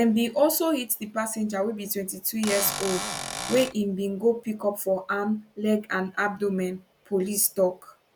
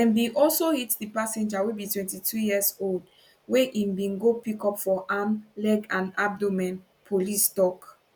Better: second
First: background sound (Cupboard open or close / Door); 6 dB below the speech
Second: none

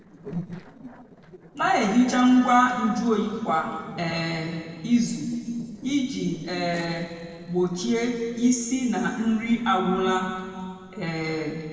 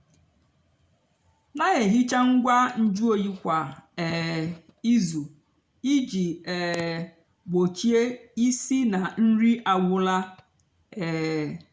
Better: second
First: noise reduction (neural separator model SepFormer DNS4)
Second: none

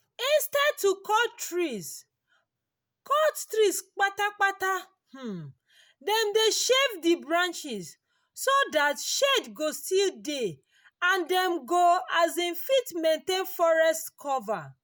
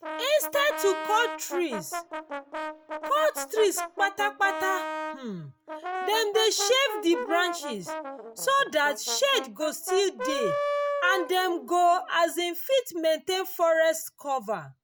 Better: first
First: none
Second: background sound (Brass instrument); 8 dB below the speech

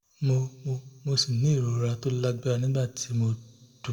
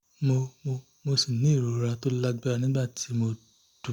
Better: second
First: room echo; dies away in 0.9 s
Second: none

